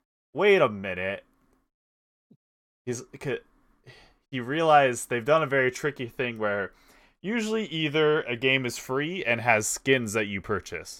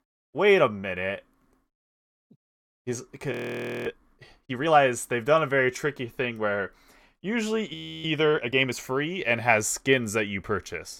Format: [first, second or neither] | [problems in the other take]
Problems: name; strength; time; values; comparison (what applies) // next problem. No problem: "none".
first | audio freezing; at 3.5 s for 0.5 s and at 7.5 s